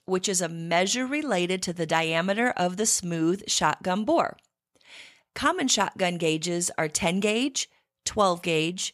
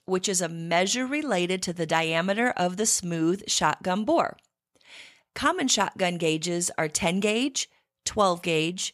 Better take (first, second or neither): neither